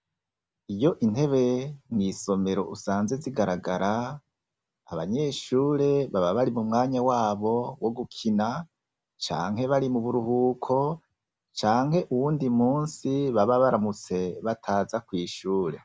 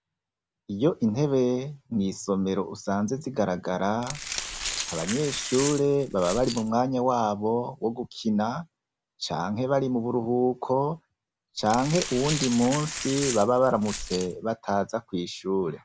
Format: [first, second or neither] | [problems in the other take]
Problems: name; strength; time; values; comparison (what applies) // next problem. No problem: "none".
first | background sound (Glass); 8 dB below the speech